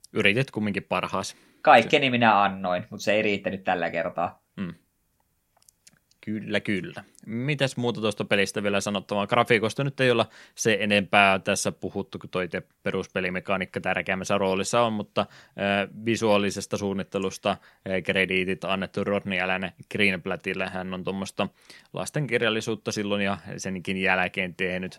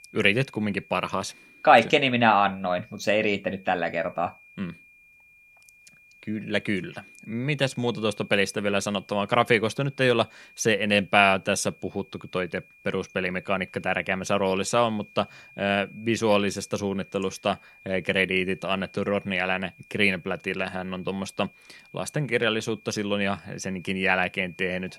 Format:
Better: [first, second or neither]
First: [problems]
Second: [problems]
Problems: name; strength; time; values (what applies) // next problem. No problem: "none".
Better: first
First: none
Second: high-pitched whine; faint; throughout; 2.5 kHz, 25 dB below the speech